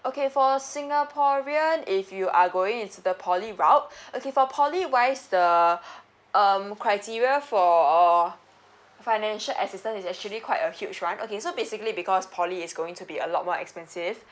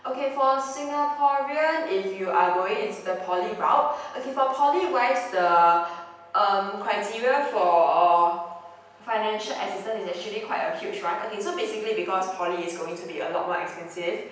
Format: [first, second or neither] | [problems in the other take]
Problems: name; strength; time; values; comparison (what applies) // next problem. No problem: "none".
first | room echo; dies away in 0.9 s